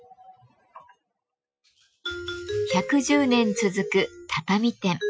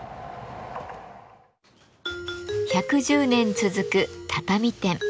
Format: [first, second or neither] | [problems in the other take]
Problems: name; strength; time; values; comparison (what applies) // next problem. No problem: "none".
second | noise reduction (classical method Wiener filter)